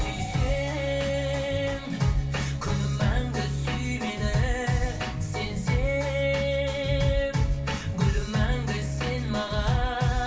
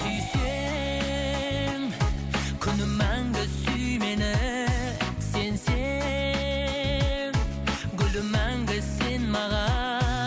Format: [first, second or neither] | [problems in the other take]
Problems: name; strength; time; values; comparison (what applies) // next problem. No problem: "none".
second | room echo; dies away in 0.3 s